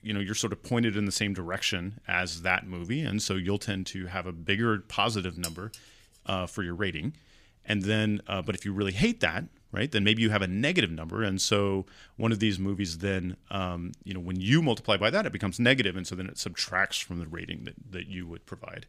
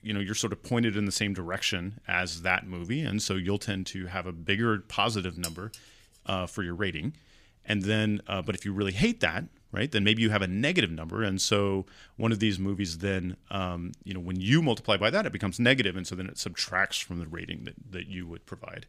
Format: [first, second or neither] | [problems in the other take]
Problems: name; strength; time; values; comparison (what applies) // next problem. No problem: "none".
neither | clattering dishes; noticeable; at 5.5 s; peak 9 dB below the speech; the same in both